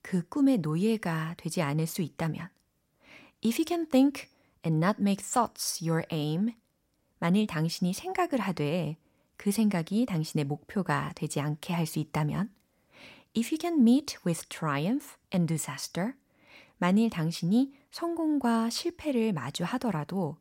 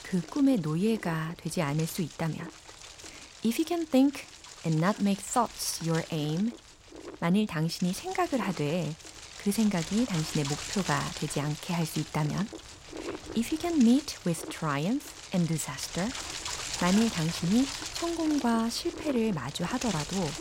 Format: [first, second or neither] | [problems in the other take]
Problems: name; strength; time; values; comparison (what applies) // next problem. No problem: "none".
first | wind noise on the microphone; heavy; 7 dB below the speech